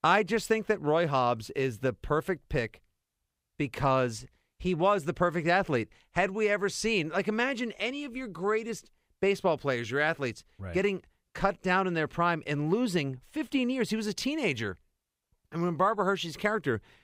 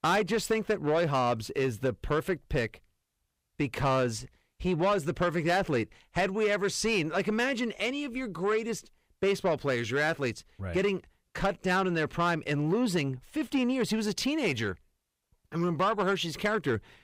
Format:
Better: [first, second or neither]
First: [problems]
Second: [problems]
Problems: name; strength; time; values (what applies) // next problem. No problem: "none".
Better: first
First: none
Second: distortion; slight; 10 dB below the speech